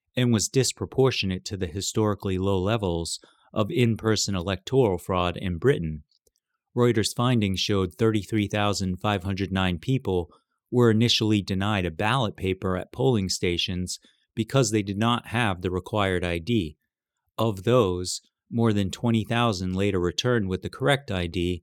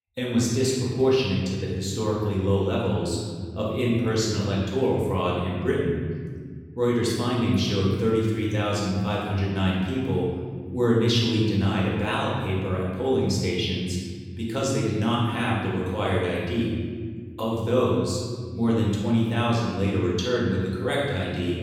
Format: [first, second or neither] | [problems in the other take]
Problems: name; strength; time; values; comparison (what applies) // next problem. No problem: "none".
first | room echo; noticeable; dies away in 1.8 s // off-mic speech; far